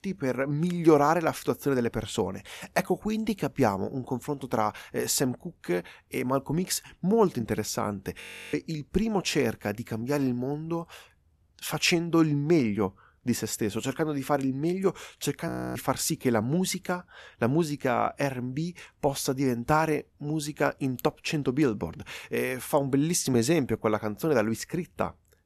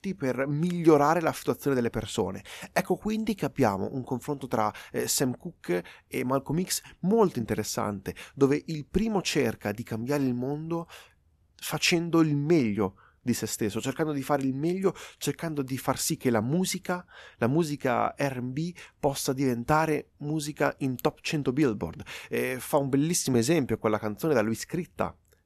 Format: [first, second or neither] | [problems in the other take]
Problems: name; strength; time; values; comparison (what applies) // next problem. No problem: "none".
second | audio freezing; at 8 s and at 15 s